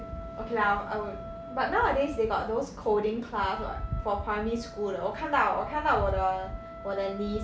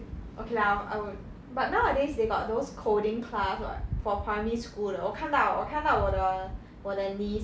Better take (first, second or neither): second